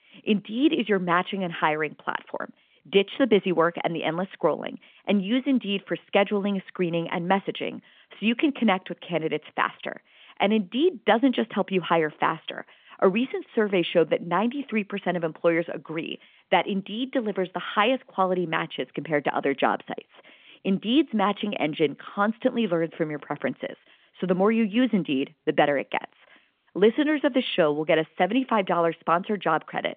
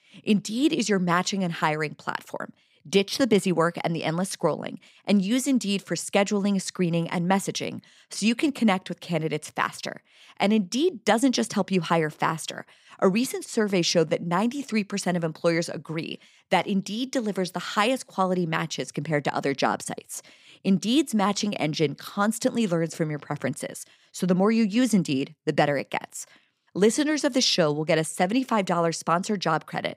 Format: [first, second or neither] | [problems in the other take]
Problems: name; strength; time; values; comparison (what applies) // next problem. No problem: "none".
second | phone-call audio; nothing above 3.5 kHz